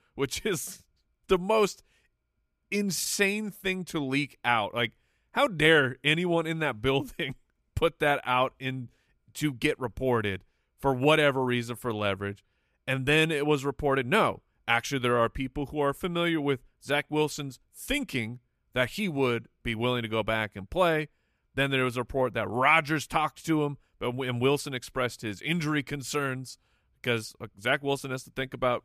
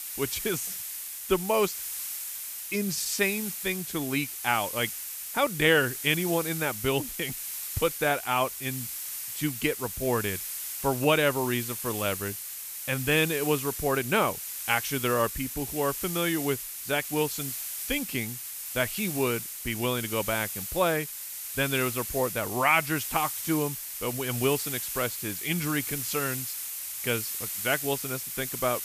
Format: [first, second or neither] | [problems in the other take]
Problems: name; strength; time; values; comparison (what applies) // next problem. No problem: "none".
first | hiss; loud; throughout; 4 dB below the speech